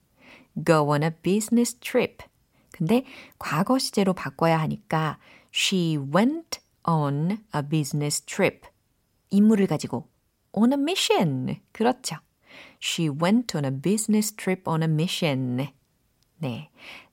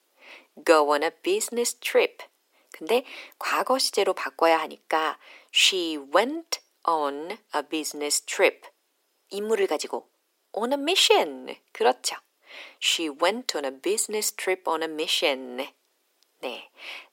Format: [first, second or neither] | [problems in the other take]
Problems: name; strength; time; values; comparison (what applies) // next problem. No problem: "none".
first | thin; very; fading below 350 Hz